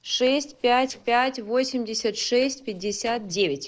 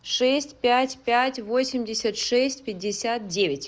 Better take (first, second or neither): second